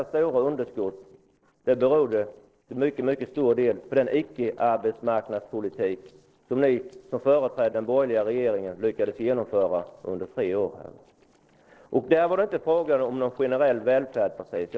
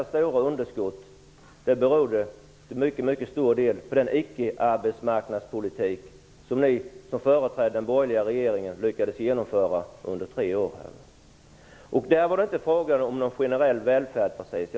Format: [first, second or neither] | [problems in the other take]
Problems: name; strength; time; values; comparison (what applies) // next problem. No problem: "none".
second | noise reduction (neural separator model SepFormer DNS4)